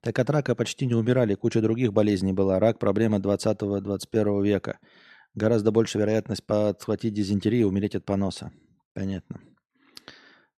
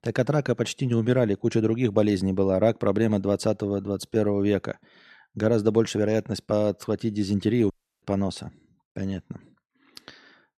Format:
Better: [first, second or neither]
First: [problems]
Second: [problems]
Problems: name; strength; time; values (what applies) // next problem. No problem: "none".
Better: first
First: none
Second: audio cutting out; at 7.5 s